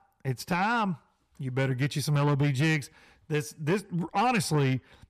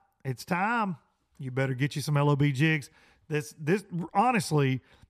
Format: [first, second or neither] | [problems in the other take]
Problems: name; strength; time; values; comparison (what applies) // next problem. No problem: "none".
second | distortion; slight; 10 dB below the speech